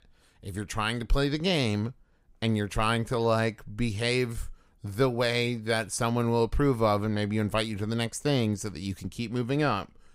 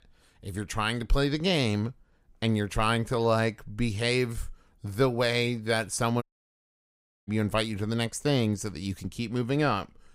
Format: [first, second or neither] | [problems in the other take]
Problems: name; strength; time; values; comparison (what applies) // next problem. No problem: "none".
first | audio cutting out; at 6 s for 1 s